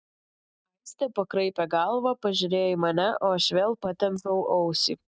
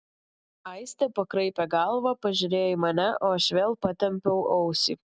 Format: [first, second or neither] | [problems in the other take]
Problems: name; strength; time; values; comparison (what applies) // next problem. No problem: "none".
second | noise reduction (neural mask model DeepFilterNet 3)